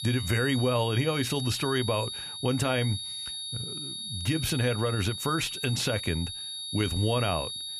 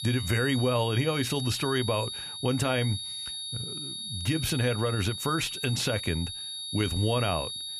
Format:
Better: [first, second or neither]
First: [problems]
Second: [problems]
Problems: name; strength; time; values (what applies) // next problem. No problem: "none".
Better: neither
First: high-pitched whine; loud; throughout; 3.5 kHz, 6 dB below the speech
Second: high-pitched whine; loud; throughout; 3.5 kHz, 6 dB below the speech